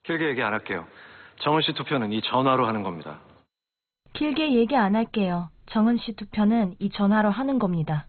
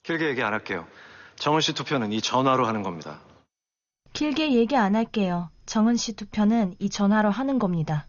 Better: second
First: garbled, watery; badly; nothing above 4 kHz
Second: garbled, watery; slightly; nothing above 6.5 kHz

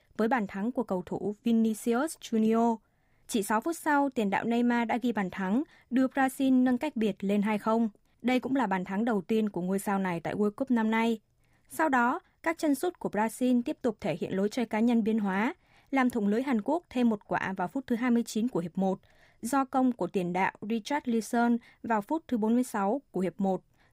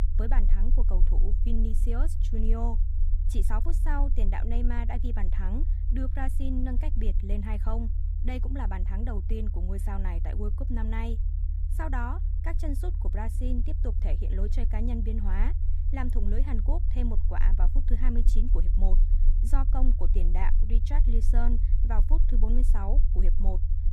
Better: first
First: none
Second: low rumble; loud; throughout; 9 dB below the speech

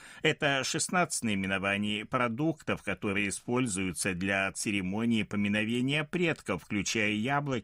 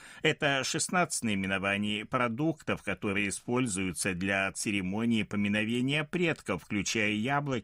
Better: neither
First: none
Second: none

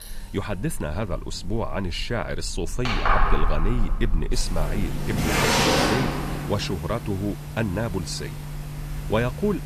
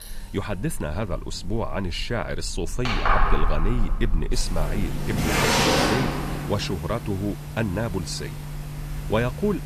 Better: neither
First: household noises; very loud; throughout; 2 dB above the speech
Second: household noises; very loud; throughout; 2 dB above the speech

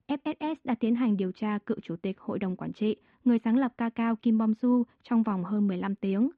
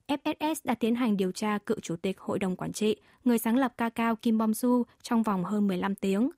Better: second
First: muffled; very; fading above 3.5 kHz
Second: none

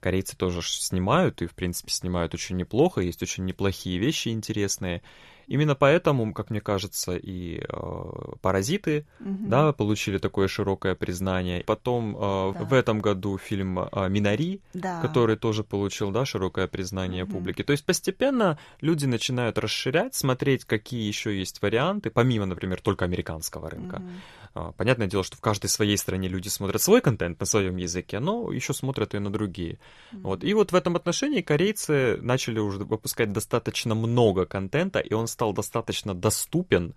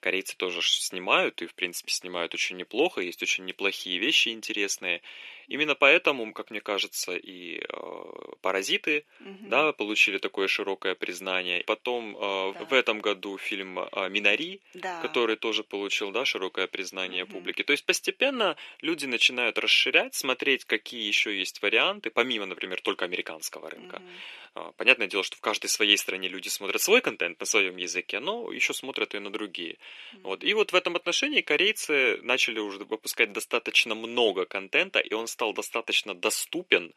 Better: first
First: none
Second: thin; somewhat; fading below 300 Hz

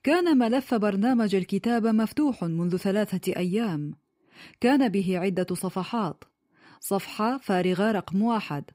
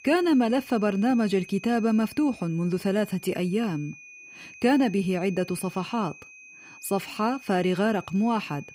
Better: first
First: none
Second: high-pitched whine; noticeable; throughout; 2.5 kHz, 20 dB below the speech

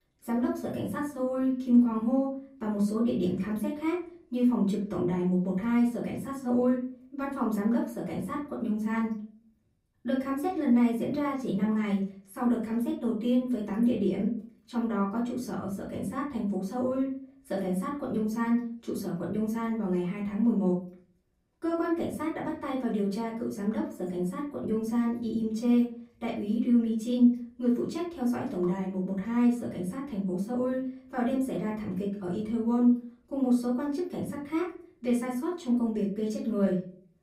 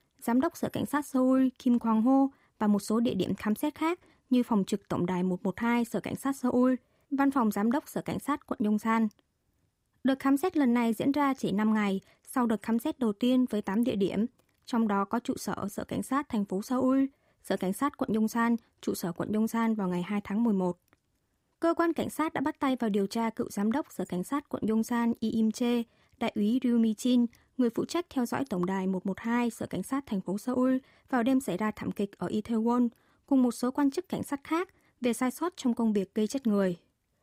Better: second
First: off-mic speech; far // room echo; slight; dies away in 0.4 s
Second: none

